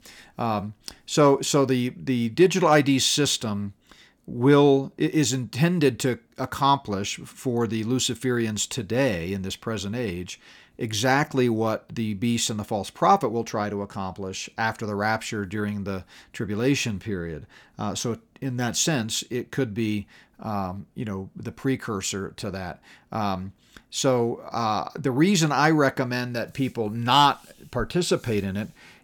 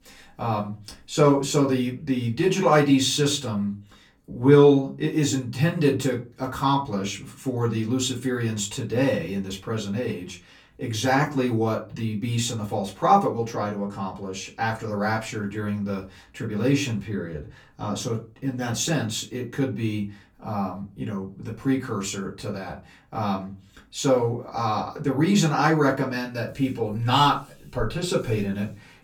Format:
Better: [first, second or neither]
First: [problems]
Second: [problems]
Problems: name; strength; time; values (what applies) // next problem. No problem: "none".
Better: first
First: none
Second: off-mic speech; far // room echo; very slight; dies away in 0.2 s